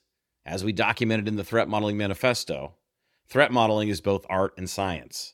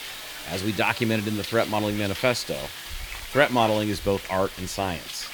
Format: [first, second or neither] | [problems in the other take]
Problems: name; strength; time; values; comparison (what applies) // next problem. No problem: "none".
first | hiss; loud; throughout; 10 dB below the speech